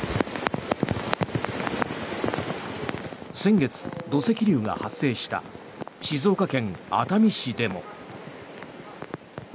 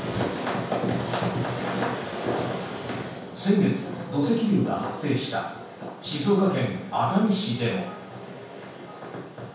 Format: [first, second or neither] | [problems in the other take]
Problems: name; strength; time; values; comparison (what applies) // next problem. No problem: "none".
first | room echo; dies away in 0.7 s